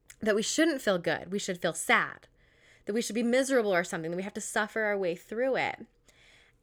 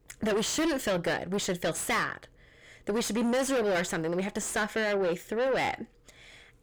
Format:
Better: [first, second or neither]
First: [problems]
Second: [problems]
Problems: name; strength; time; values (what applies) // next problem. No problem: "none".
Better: first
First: none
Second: distortion; heavy; 5 dB below the speech